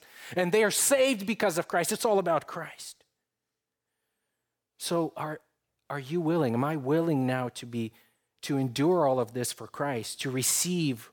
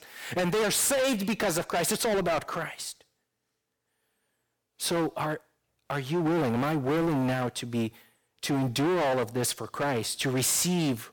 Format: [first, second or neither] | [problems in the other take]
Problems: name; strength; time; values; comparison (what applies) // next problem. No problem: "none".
first | distortion; heavy; 19% of the sound clipped